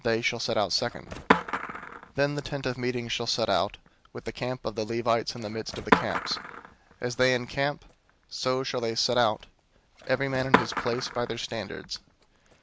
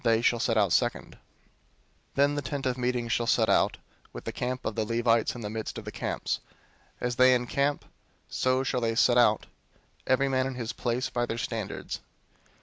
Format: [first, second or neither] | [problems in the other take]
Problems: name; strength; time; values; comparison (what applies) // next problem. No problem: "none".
second | background sound (Skateboard); 4 dB below the speech